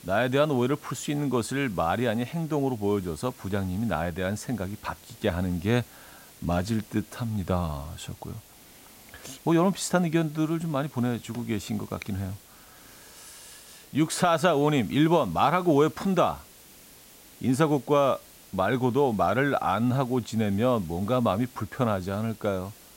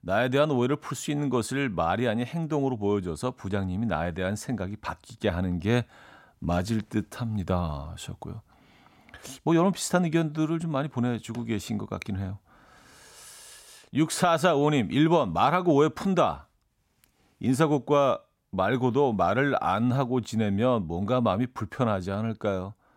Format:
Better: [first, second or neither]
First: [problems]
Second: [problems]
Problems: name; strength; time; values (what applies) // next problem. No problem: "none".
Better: second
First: hiss; faint; throughout; 25 dB below the speech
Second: none